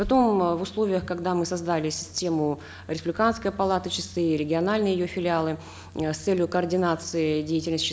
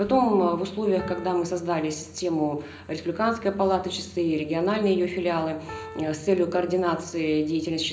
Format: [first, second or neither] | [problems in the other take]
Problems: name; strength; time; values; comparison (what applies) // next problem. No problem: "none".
first | background sound (Piano); 14 dB below the speech // room echo; dies away in 0.5 s